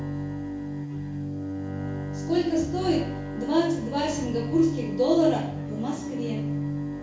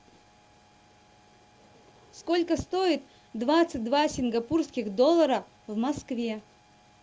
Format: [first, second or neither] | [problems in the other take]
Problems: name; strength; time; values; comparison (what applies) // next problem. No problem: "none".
second | background sound (Bowed string instrument); 3 dB below the speech // room echo; dies away in 0.5 s